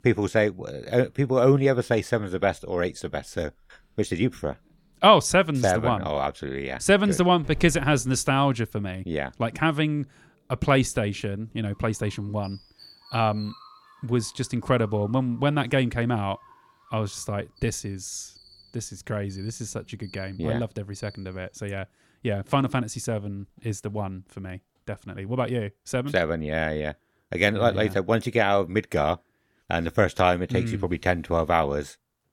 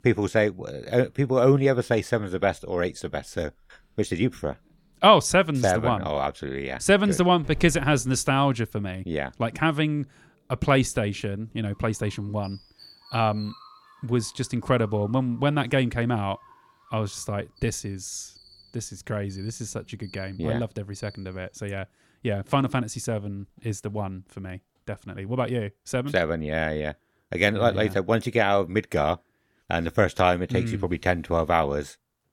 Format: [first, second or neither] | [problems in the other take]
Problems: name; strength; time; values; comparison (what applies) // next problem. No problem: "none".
neither | animal sounds; faint; until 22 s; 25 dB below the speech; the same in both